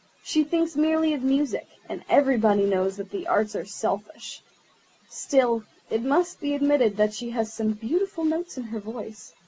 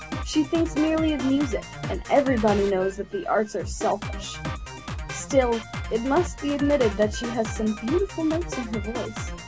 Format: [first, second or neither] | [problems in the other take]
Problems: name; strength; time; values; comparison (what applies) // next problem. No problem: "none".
first | background sound (Drum kit); 8 dB below the speech